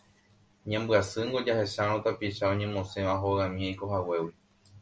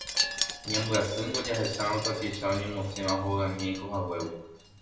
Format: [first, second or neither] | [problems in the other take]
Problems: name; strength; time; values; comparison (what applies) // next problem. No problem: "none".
first | background sound (Wind chime); 5 dB below the speech // room echo; dies away in 0.8 s